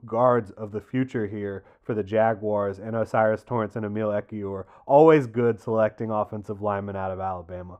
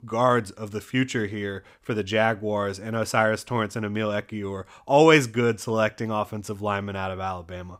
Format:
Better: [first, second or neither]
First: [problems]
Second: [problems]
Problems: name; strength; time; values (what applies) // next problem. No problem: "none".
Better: second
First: muffled; very; fading above 2 kHz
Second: none